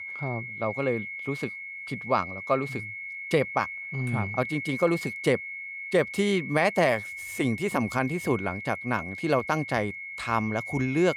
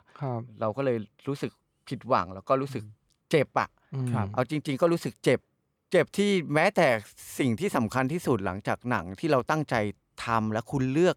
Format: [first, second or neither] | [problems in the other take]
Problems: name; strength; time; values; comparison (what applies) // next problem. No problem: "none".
second | high-pitched whine; loud; throughout; 2 kHz, 7 dB below the speech